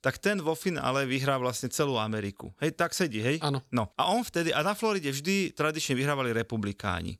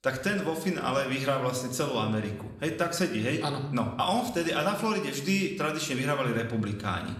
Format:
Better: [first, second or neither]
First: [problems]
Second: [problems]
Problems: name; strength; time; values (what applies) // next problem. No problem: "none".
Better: first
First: none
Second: room echo; slight; dies away in 0.8 s // off-mic speech; somewhat distant